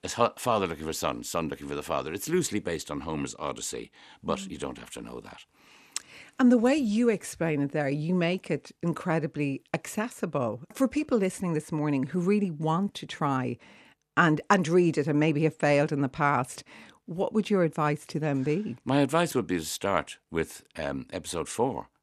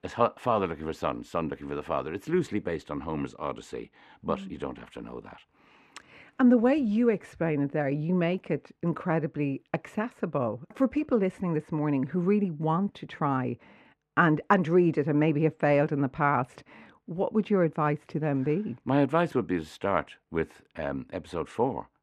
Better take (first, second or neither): first